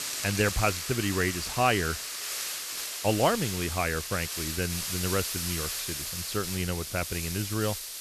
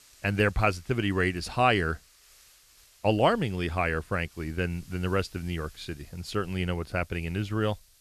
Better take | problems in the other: second | hiss; loud; throughout; 3 dB below the speech; faint in the second

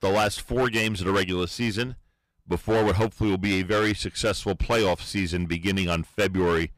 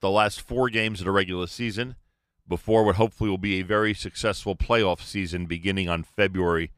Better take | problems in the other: second | distortion; heavy; 12% of the sound clipped

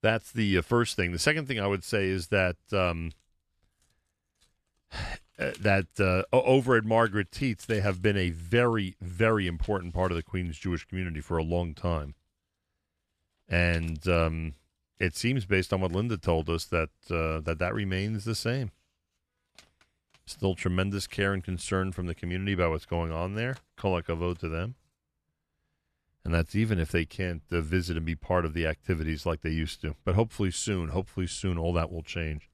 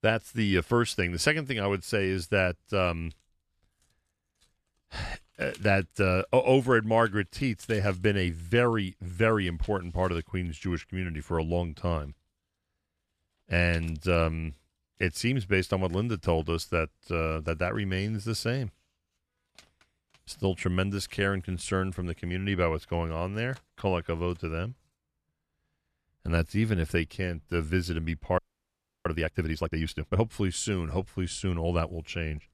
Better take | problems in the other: first | audio freezing; at 28 s for 0.5 s

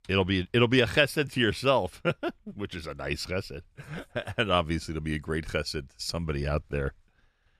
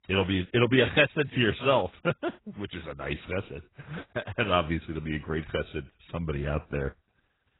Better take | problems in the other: first | garbled, watery; badly; nothing above 3.5 kHz

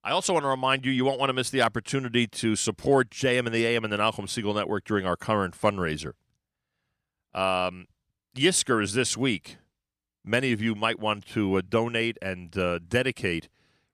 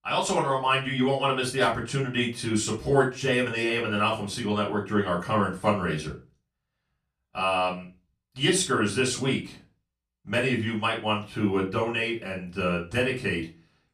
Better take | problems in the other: first | room echo; slight; dies away in 0.3 s // off-mic speech; far

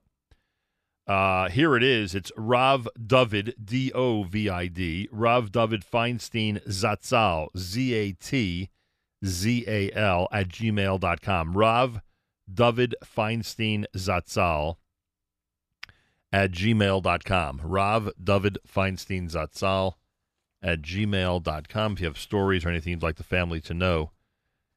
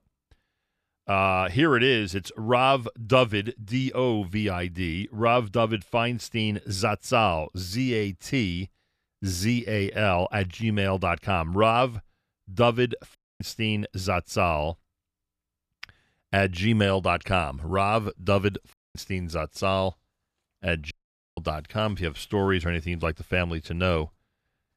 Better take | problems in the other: first | audio cutting out; at 13 s, at 19 s and at 21 s

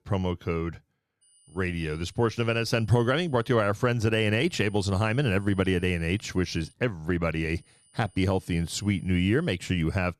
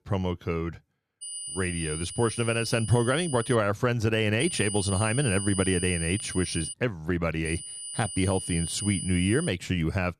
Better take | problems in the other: first | high-pitched whine; loud; from 1 to 3.5 s, from 4.5 to 6.5 s and from 7.5 to 9.5 s; 9.5 kHz, 7 dB below the speech; faint in the first

